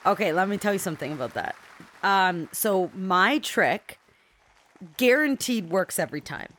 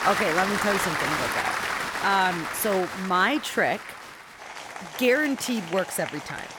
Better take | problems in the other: first | crowd noise; loud; throughout; 4 dB below the speech; faint in the first

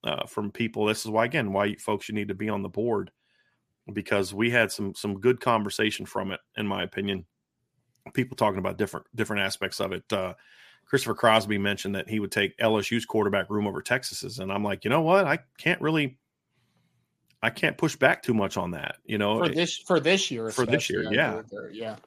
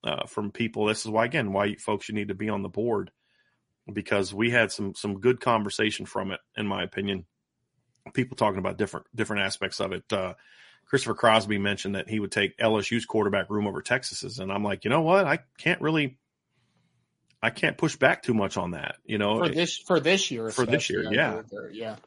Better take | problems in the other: first | garbled, watery; slightly; nothing above 10.5 kHz

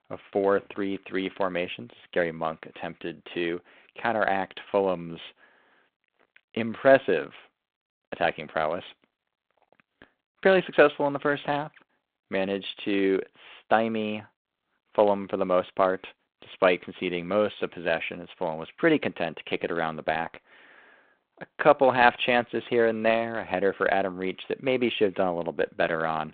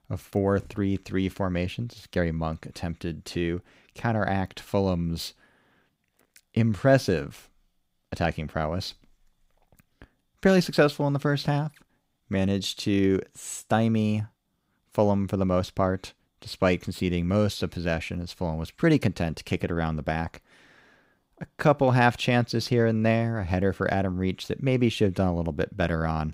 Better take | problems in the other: second | phone-call audio; nothing above 4 kHz

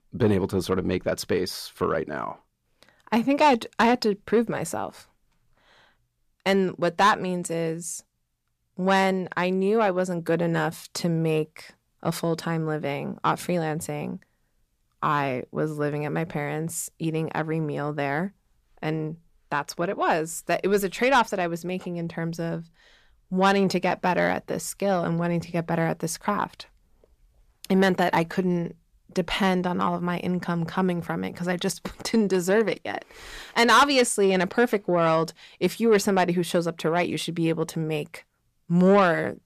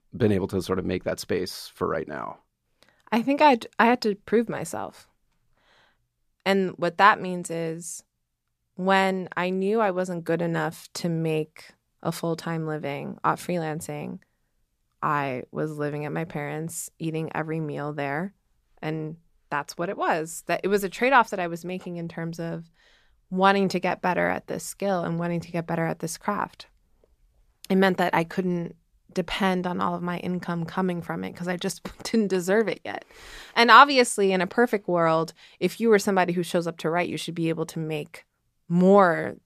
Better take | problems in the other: second | distortion; slight; 10 dB below the speech

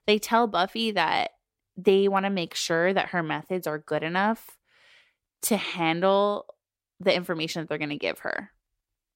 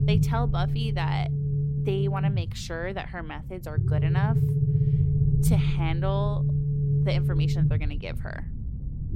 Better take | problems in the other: first | low rumble; loud; throughout; 2 dB below the speech

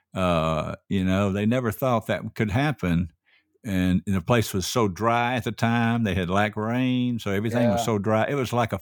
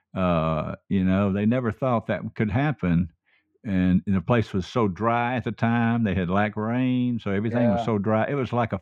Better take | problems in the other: first | muffled; slightly; fading above 2.5 kHz

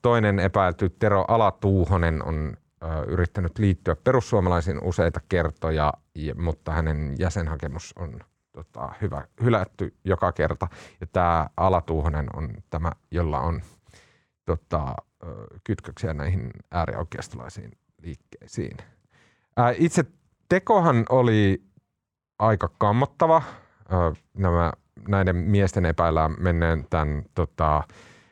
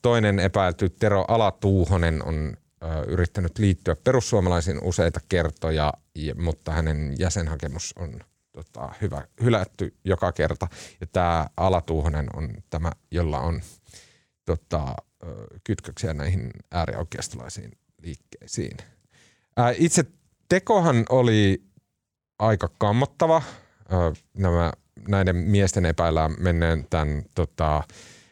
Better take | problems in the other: second | muffled; slightly; fading above 3.5 kHz

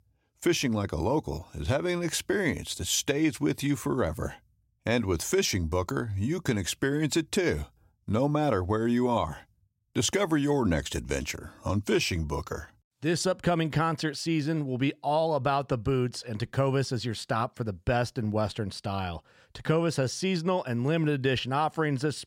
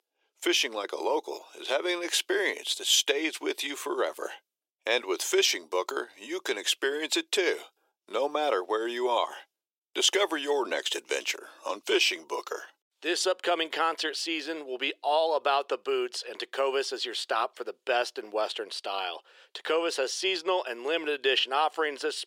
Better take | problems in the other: first | thin; very; fading below 350 Hz

